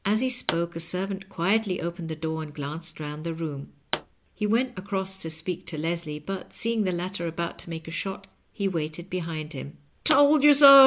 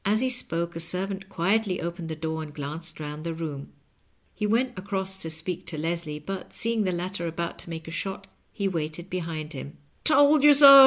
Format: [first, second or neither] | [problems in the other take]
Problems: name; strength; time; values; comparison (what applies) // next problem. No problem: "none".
second | background sound (Explosion); 11 dB below the speech